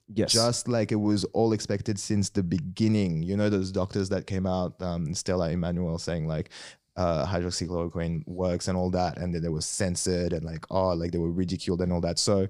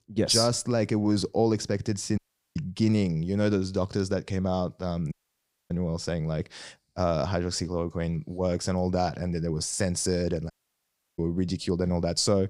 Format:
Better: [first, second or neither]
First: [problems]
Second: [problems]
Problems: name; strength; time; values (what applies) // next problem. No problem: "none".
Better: first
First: none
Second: audio cutting out; at 2 s, at 5 s for 0.5 s and at 11 s for 0.5 s